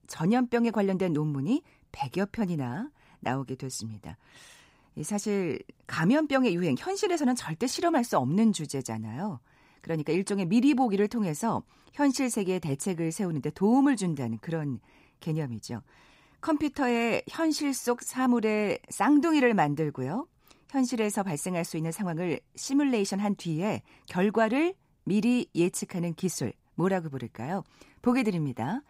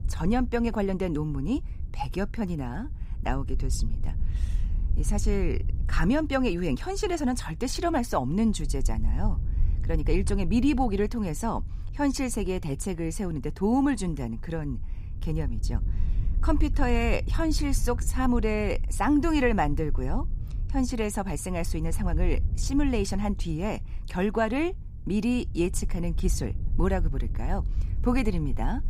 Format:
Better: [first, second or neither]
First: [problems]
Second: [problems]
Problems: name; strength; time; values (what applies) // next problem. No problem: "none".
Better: first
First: none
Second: low rumble; faint; throughout; 20 dB below the speech